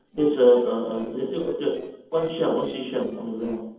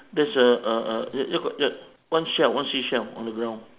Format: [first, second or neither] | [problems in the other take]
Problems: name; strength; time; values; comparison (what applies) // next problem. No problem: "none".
second | noise reduction (neural separator model SepFormer DNS4)